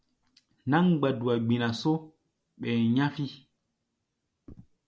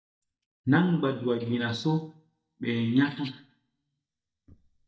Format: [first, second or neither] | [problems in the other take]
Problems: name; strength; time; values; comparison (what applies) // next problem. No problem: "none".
first | noise reduction (neural mask model DeepFilterNet 3)